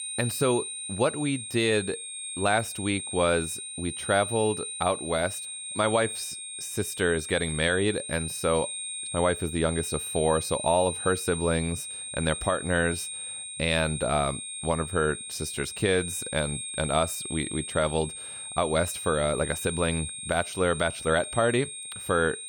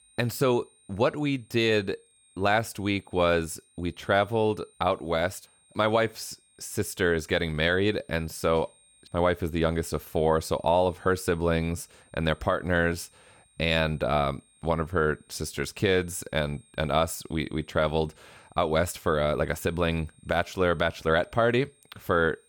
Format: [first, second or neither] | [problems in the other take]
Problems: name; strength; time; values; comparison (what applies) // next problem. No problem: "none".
second | high-pitched whine; loud; throughout; 9 kHz, 6 dB below the speech; faint in the second